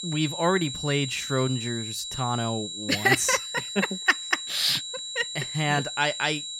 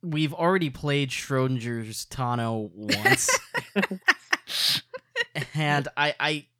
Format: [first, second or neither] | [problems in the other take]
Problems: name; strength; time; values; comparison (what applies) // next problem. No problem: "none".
second | high-pitched whine; loud; throughout; 4 kHz, 6 dB below the speech